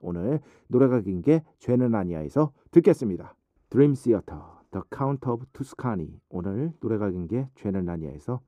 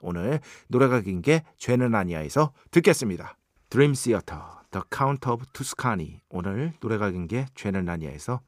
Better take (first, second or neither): second